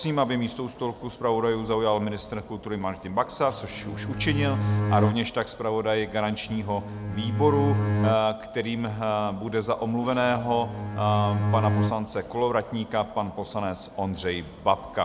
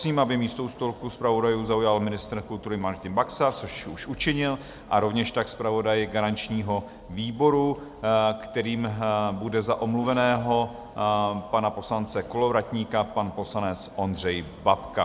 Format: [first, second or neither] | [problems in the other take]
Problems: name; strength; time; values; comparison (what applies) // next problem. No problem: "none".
second | background sound (Bowed string instrument); as loud as the speech